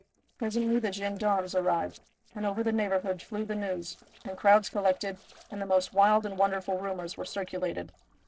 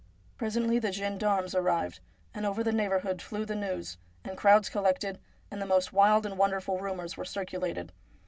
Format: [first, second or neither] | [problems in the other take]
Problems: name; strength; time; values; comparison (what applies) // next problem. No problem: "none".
second | noise reduction (neural separator model SepFormer DNS4)